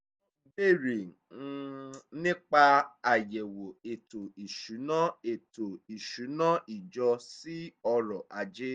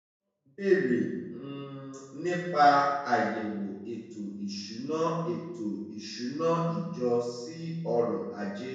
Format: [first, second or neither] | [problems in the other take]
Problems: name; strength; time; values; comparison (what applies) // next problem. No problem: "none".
first | room echo; dies away in 1 s